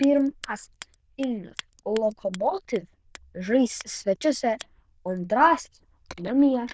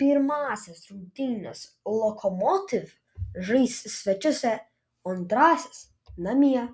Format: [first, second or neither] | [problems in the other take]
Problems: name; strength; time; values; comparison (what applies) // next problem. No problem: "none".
second | noise reduction (neural diffusion model UNIVERSE++)